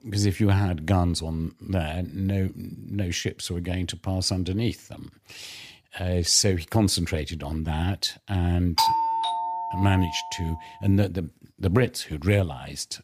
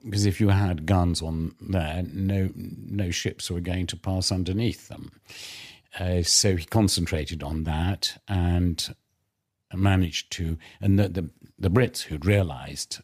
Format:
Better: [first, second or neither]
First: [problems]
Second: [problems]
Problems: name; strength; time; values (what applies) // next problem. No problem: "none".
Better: second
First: doorbell; loud; from 9 to 10 s; peak 4 dB above the speech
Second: none